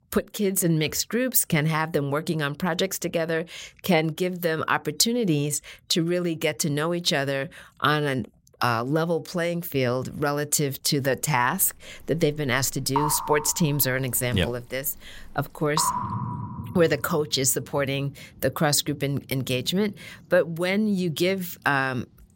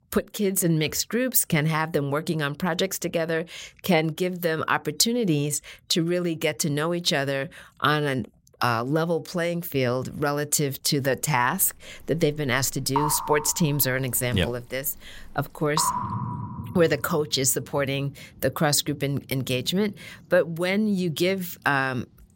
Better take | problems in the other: neither | rain or running water; noticeable; from 11 s on; 10 dB below the speech; the same in both

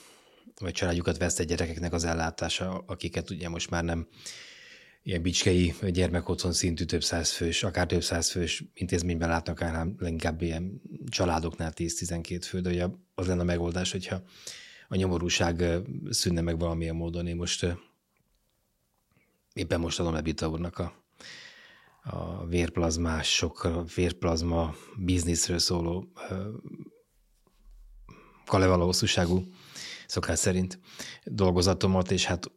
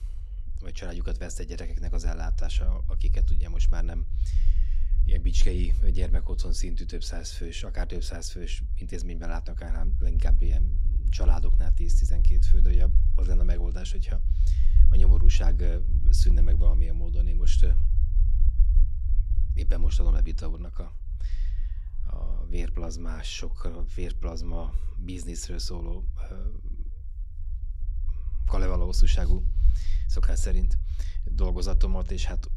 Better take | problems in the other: first | low rumble; noticeable; throughout; 10 dB below the speech

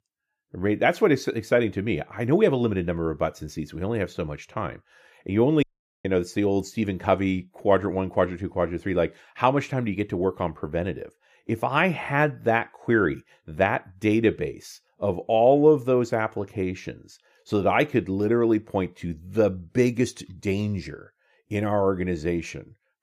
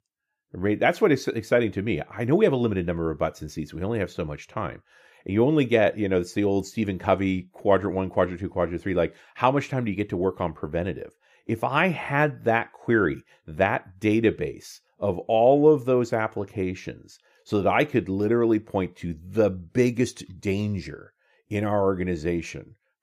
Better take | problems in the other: second | audio cutting out; at 5.5 s

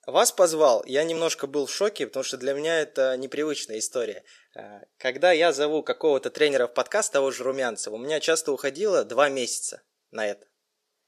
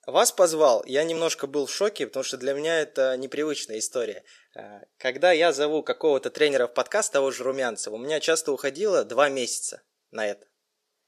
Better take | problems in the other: neither | thin; somewhat; fading below 500 Hz; the same in both

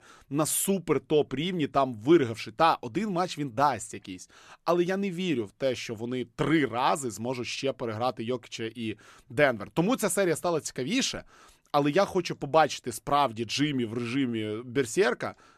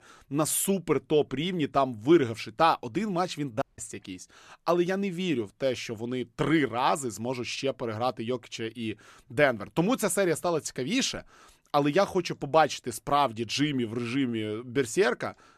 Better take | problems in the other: first | audio cutting out; at 3.5 s

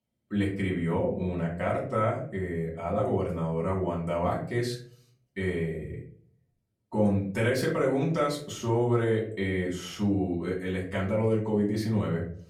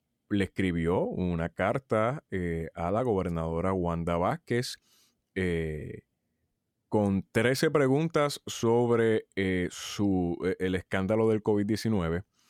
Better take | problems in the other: second | off-mic speech; far // room echo; slight; dies away in 0.4 s

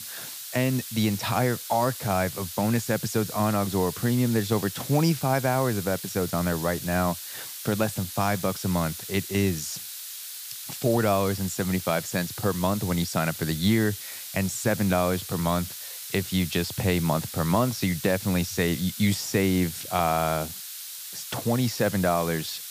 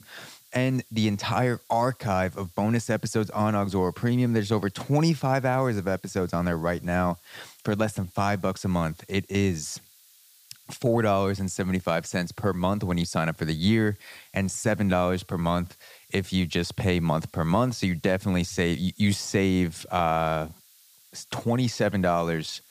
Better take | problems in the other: second | hiss; loud; throughout; 9 dB below the speech; faint in the second

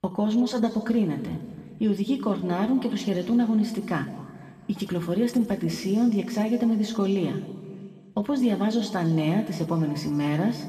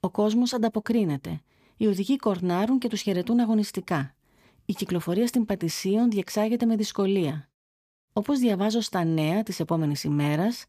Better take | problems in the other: second | room echo; noticeable; dies away in 1.8 s // off-mic speech; far

